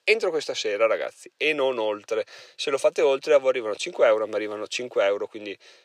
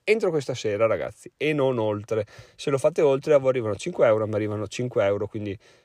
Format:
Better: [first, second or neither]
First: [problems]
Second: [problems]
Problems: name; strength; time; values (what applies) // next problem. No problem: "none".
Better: second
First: thin; somewhat; fading below 450 Hz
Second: none